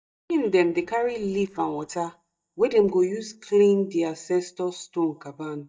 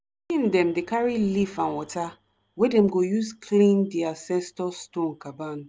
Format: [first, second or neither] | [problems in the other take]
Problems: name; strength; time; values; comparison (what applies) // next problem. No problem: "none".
second | noise reduction (neural mask model DeepFilterNet 3)